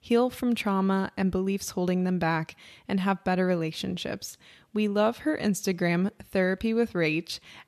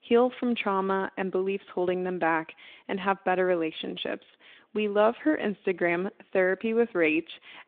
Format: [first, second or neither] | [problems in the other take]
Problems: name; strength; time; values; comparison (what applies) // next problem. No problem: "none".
first | phone-call audio; nothing above 3.5 kHz